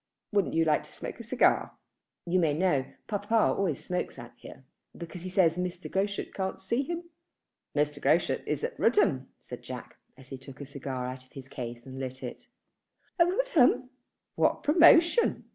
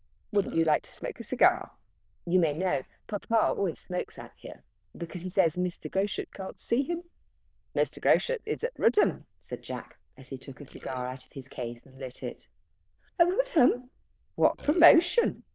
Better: first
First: none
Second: noise reduction (neural diffusion model UNIVERSE++)

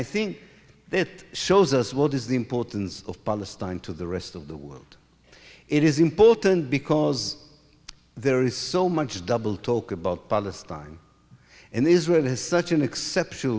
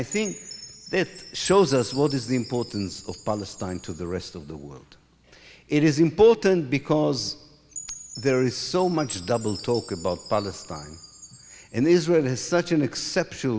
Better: first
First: none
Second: background sound (Chime); 18 dB below the speech

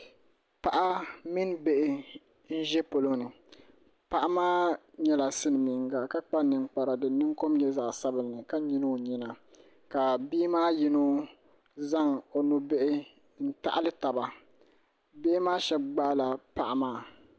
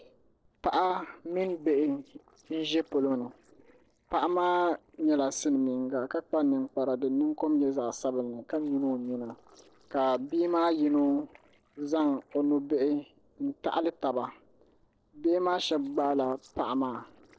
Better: first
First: none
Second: noise reduction (neural separator model SepFormer DNS4)

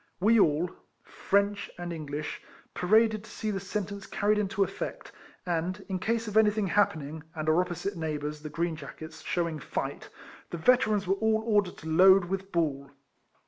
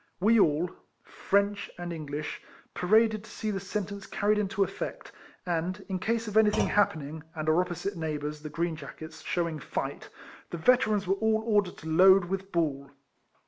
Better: first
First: none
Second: background sound (Thump, thud); 12 dB below the speech

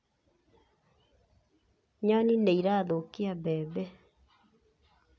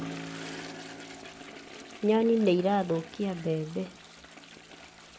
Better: first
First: none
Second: background sound (Toilet flush + Keyboard (musical)); 13 dB below the speech

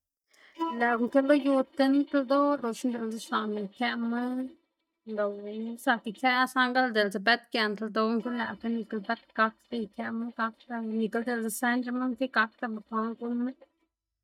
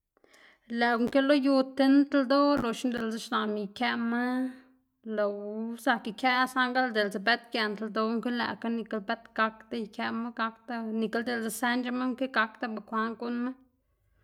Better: second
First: noise reduction (neural mask model DeepFilterNet 3)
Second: none

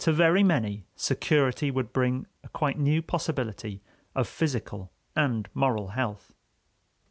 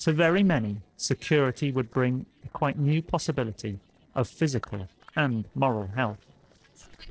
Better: first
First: none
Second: noise reduction (neural separator model SepFormer DNS4)

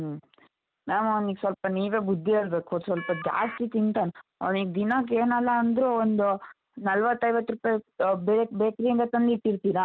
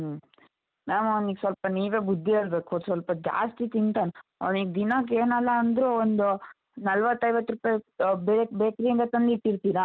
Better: second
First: background sound (Telephone); 11 dB below the speech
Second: none

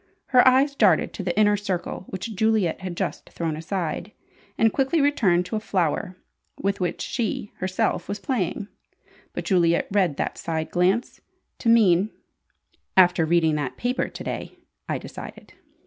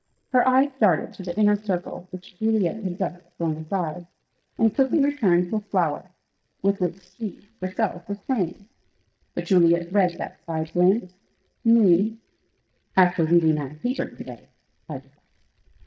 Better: first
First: none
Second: noise reduction (neural mask model DeepFilterNet 3)

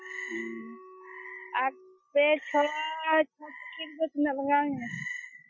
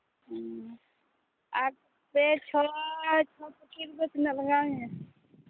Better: second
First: noise reduction (classical method Wiener filter)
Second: none

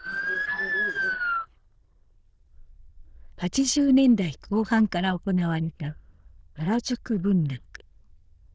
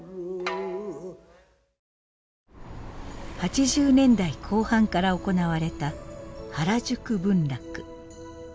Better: second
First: noise reduction (neural diffusion model UNIVERSE++)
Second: none

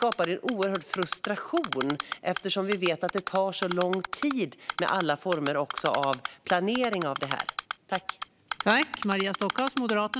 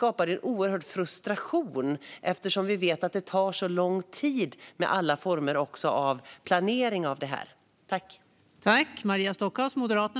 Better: second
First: background sound (Typing); 8 dB below the speech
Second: none

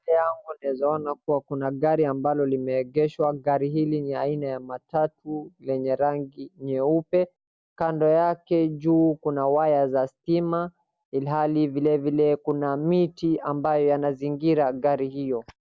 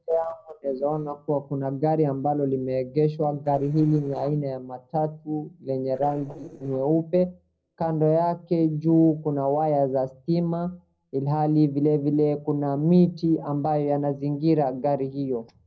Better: first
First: none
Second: noise reduction (neural separator model SepFormer DNS4)

